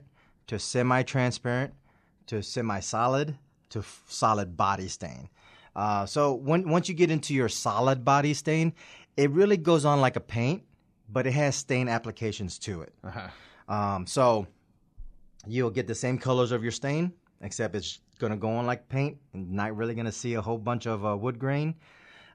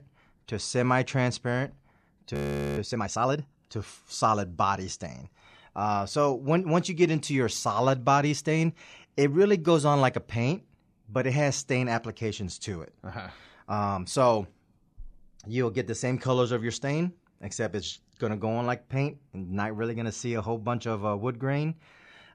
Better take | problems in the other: first | audio freezing; at 2.5 s

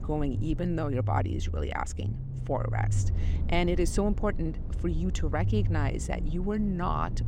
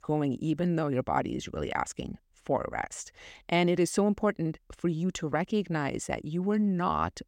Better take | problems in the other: second | low rumble; noticeable; throughout; 15 dB below the speech

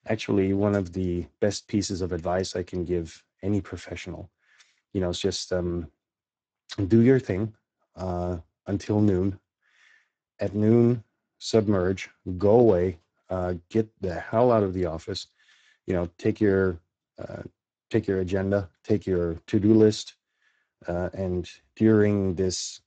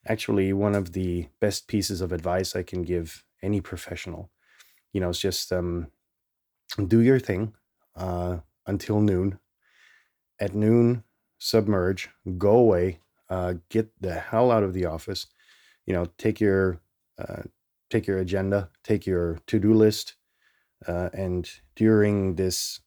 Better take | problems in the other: second | garbled, watery; badly; nothing above 7.5 kHz

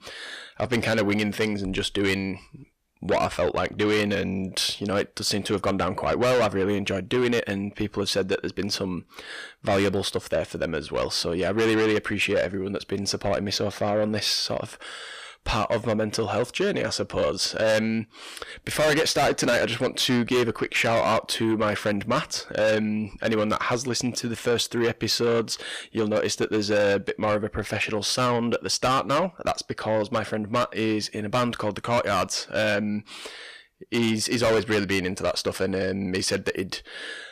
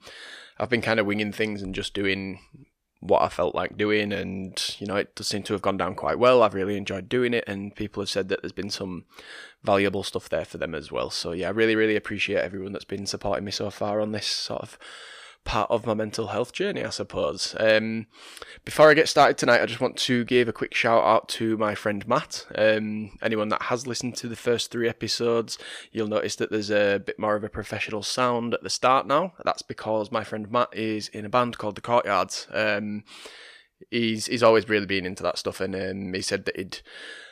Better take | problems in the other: second | distortion; heavy; 6 dB below the speech

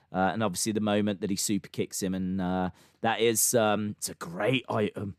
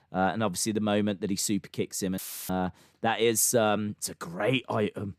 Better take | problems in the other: first | audio cutting out; filled with static; at 2 s

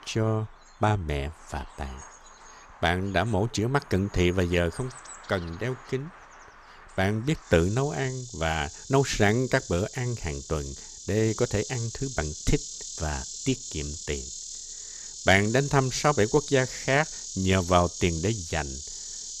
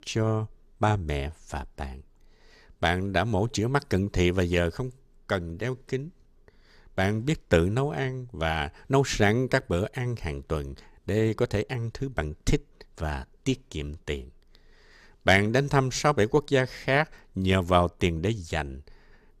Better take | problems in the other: second | animal sounds; noticeable; throughout; 10 dB below the speech

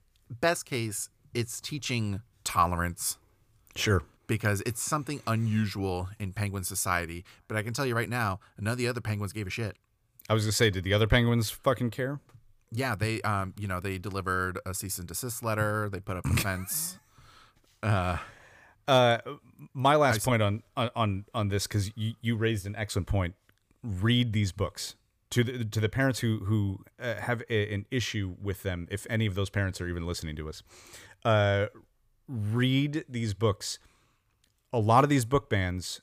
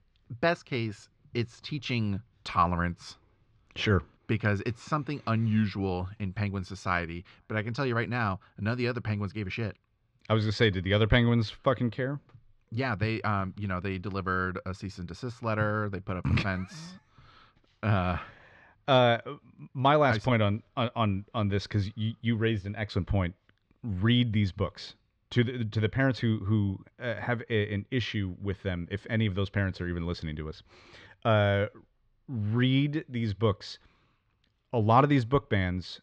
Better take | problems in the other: first | muffled; very slightly; fading above 4.5 kHz

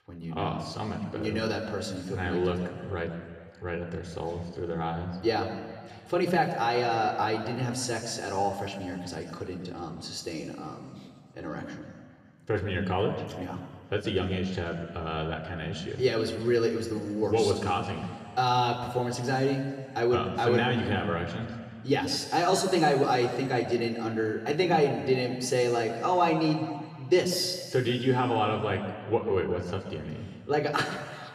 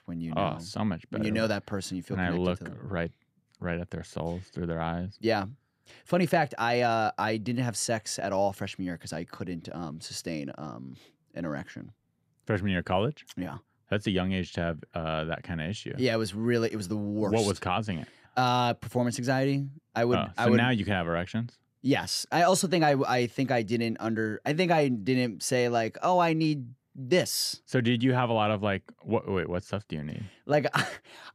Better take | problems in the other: second | room echo; slight; dies away in 2.1 s

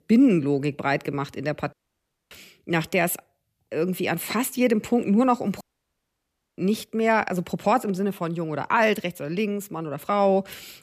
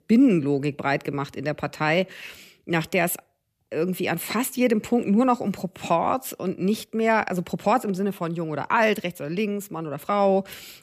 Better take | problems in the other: second | audio cutting out; at 1.5 s for 0.5 s and at 5.5 s for 1 s

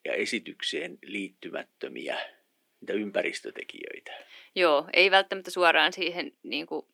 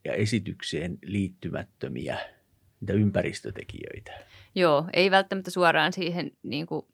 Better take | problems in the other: second | thin; somewhat; fading below 300 Hz

